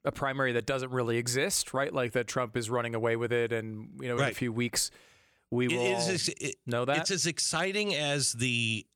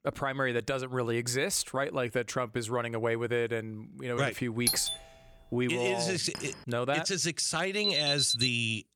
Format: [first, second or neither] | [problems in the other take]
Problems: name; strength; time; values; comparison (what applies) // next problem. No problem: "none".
first | doorbell; loud; at 4.5 s; peak 2 dB above the speech // clattering dishes; faint; at 6.5 s; peak 15 dB below the speech // alarm; loud; at 8 s; peak 3 dB above the speech